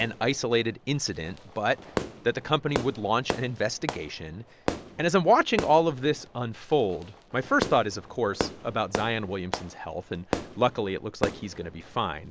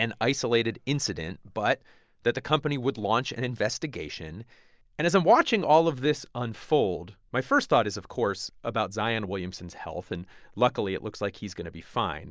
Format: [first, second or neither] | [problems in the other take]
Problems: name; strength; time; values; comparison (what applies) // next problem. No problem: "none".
second | background sound (Fireworks); 9 dB below the speech